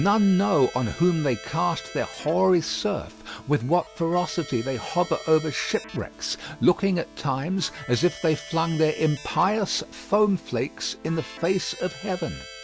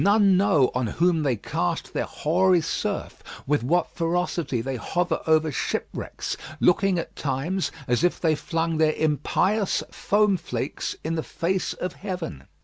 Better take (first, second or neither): second